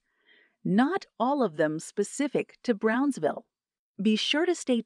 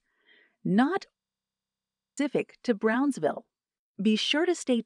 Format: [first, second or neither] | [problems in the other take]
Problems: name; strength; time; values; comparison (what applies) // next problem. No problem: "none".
first | audio freezing; at 1 s for 1 s